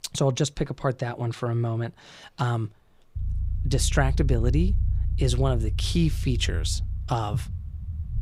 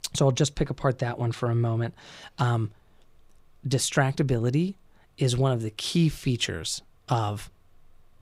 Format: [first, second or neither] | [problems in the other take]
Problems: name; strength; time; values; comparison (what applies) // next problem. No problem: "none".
second | low rumble; noticeable; from 3 s on; 15 dB below the speech